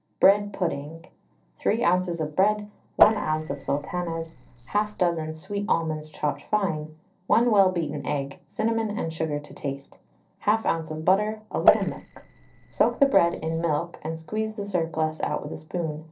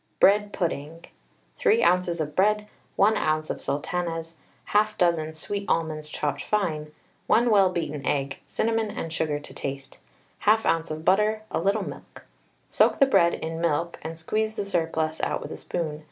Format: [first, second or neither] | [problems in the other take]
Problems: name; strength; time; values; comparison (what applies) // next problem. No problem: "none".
second | noise reduction (neural separator model SepFormer DNS4)